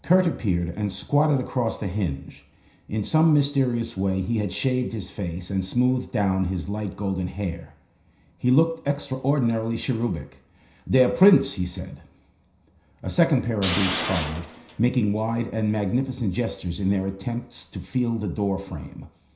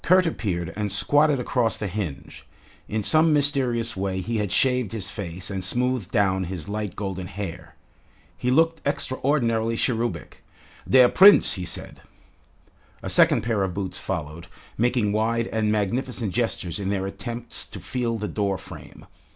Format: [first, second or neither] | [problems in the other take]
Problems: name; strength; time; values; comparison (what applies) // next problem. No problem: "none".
second | background sound (Tools); 6 dB below the speech // room echo; dies away in 0.5 s